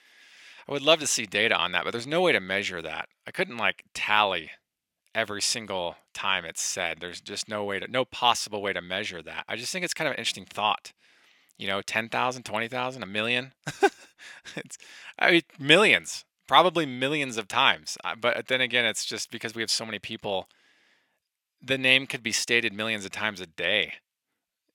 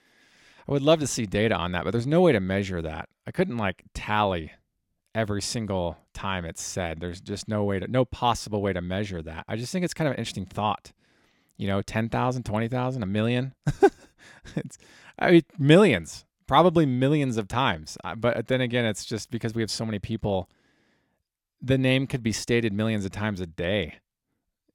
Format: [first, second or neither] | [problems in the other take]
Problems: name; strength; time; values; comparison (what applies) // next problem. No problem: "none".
second | thin; somewhat; fading below 1 kHz